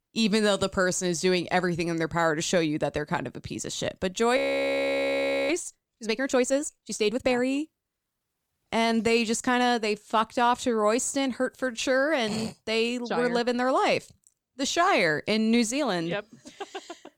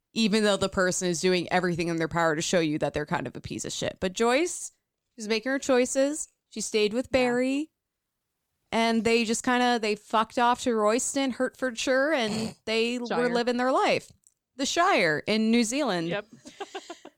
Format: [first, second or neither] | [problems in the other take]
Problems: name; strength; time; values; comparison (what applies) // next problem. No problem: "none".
second | audio freezing; at 4.5 s for 1 s